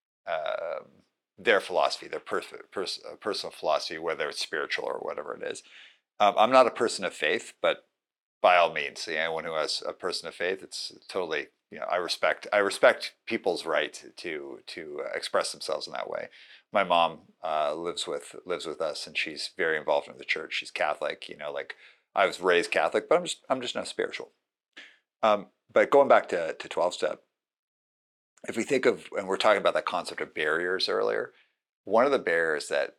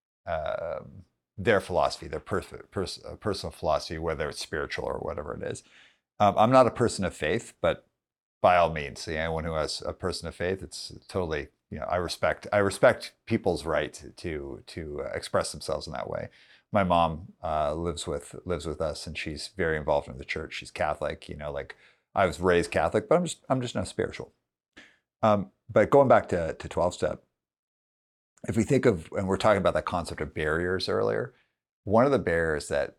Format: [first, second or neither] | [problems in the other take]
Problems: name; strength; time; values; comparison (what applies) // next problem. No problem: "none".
second | thin; somewhat; fading below 350 Hz